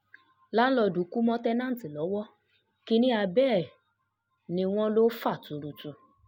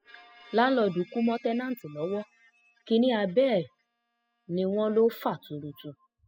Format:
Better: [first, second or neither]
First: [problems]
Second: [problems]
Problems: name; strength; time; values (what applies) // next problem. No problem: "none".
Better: first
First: none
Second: noise reduction (classical method spectral subtraction)